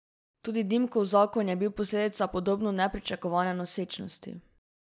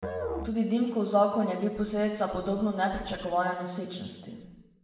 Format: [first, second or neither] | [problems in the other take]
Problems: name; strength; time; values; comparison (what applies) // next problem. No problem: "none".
first | background sound (Musical instrument); 11 dB below the speech // room echo; dies away in 0.9 s